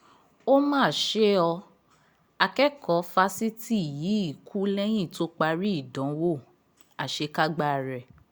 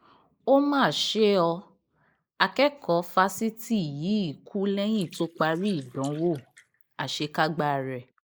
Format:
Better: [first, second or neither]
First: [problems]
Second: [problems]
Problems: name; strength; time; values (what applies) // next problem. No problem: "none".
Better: first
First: none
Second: noise reduction (neural mask model Resemble Enhance denoiser)